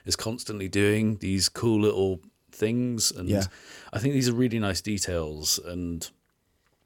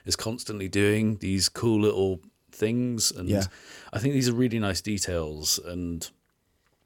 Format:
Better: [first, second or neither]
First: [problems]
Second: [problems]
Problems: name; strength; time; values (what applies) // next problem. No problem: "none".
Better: neither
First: none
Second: none